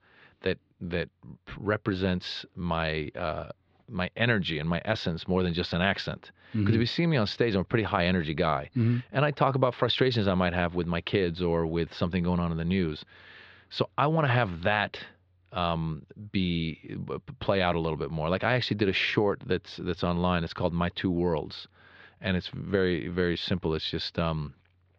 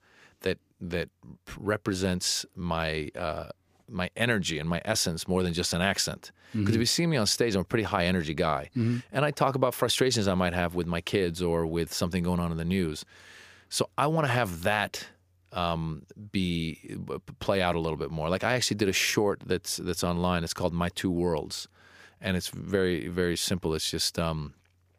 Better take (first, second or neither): second